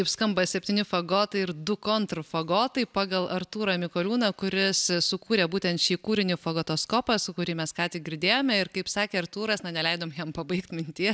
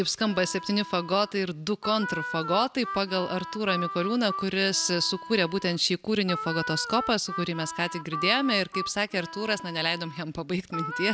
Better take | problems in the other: first | background sound (Harmonica); 9 dB below the speech

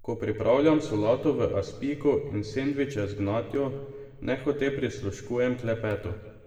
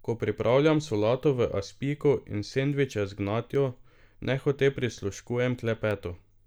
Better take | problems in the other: second | room echo; dies away in 1.3 s

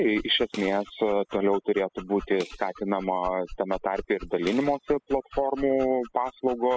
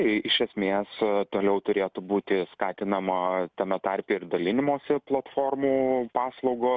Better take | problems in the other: second | noise reduction (classical method spectral subtraction)

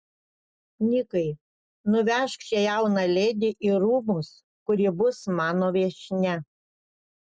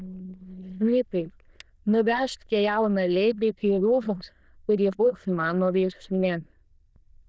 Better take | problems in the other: first | noise reduction (neural diffusion model UNIVERSE++)

